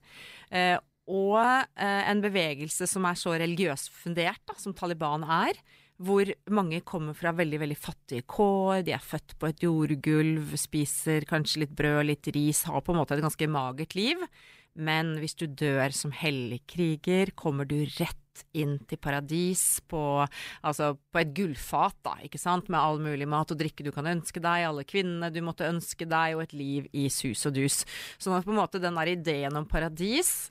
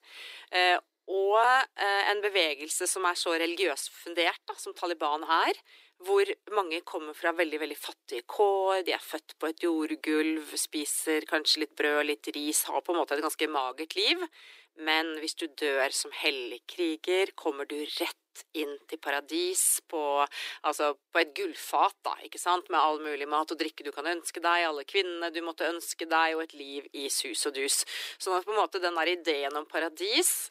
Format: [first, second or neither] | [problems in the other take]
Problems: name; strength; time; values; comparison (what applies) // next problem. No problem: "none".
first | thin; very; fading below 300 Hz